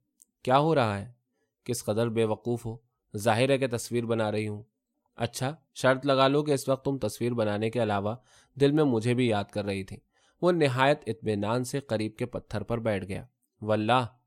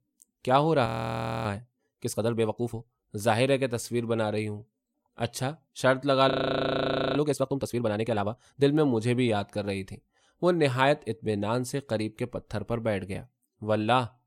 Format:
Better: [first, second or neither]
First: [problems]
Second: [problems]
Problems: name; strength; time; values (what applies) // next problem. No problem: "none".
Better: first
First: none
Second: audio freezing; at 1 s for 0.5 s and at 6.5 s for 1 s